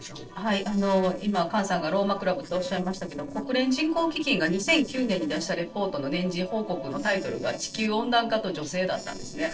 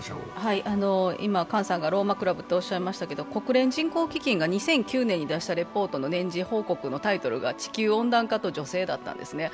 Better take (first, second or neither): second